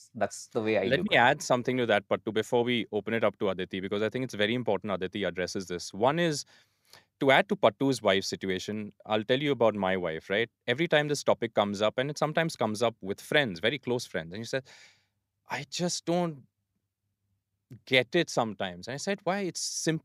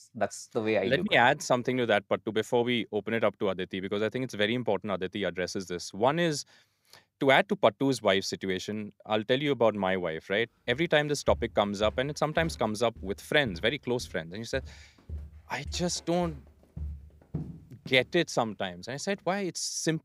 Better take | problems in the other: first | footsteps; faint; from 11 to 18 s; peak 10 dB below the speech

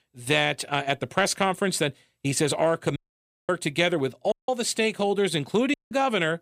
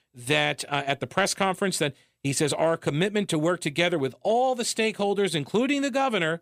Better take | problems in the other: second | audio cutting out; at 3 s for 0.5 s, at 4.5 s and at 5.5 s

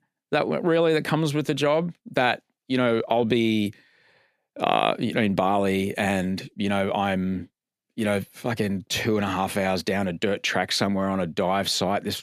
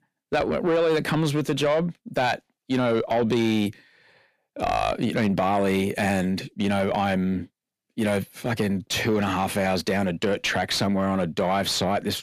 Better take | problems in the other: first | distortion; slight; 10 dB below the speech

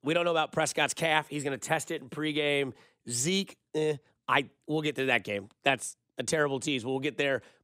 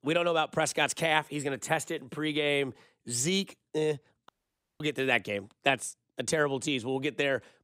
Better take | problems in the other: first | audio cutting out; at 4.5 s for 0.5 s

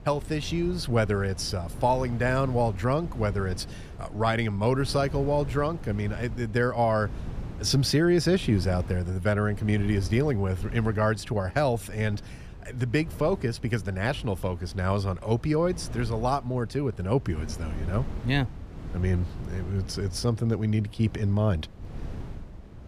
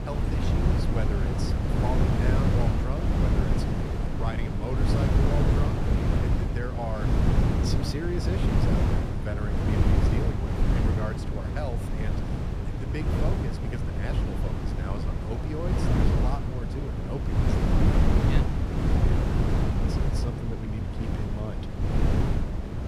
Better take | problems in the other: first | wind noise on the microphone; heavy; 4 dB above the speech; occasional gusts in the first

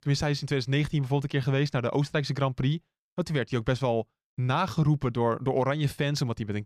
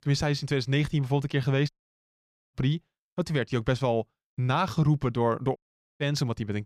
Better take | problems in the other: first | audio cutting out; at 1.5 s for 1 s and at 5.5 s

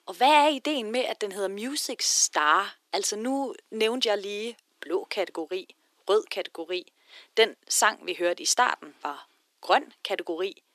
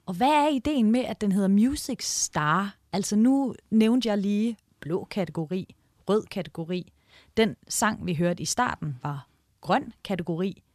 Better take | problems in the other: second | thin; very; fading below 300 Hz

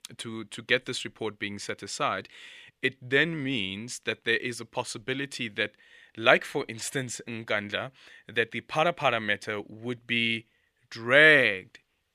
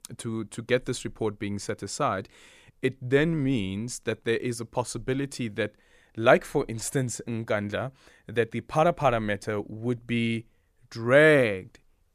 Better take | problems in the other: second | thin; very slightly; fading below 300 Hz

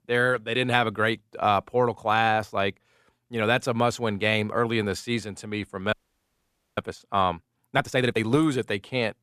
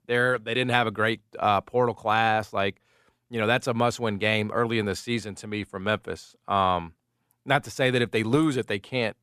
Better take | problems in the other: second | audio freezing; at 6 s for 1 s

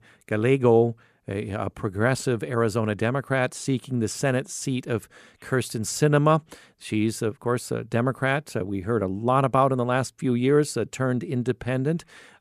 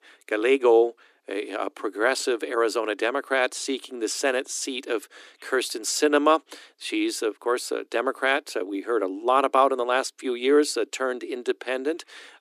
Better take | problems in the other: first | thin; somewhat; fading below 300 Hz

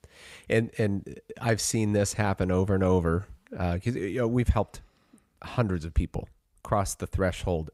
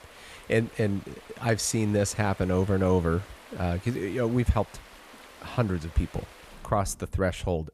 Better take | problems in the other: first | rain or running water; faint; throughout; 20 dB below the speech

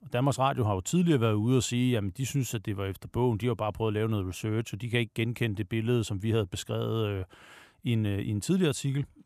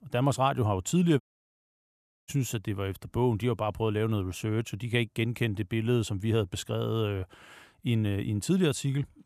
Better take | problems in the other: first | audio cutting out; at 1 s for 1 s

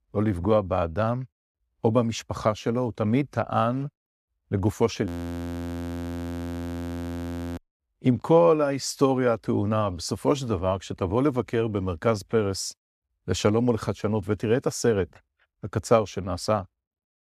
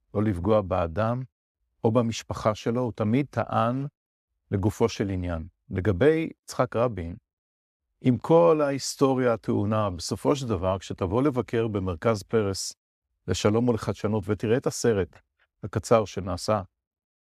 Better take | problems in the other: second | audio freezing; at 5 s for 2.5 s

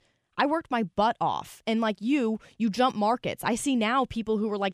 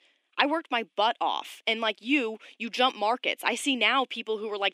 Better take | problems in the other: first | thin; very slightly; fading below 250 Hz

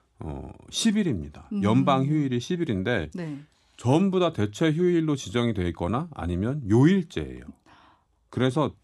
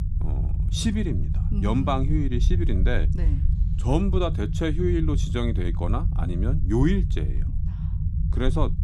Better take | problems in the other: first | low rumble; noticeable; throughout; 10 dB below the speech

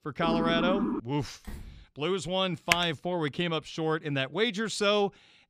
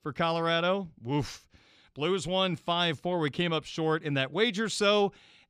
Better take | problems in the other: second | siren; noticeable; at the start; peak level with the speech // door banging; faint; at 1.5 s; peak 15 dB below the speech // keyboard typing; very faint; at 2.5 s; peak 1 dB above the speech

